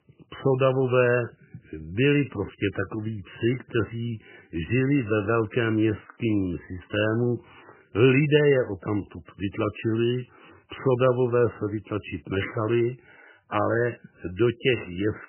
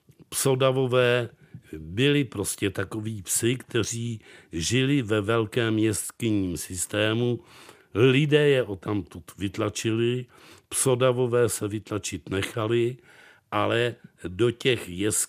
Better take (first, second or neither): second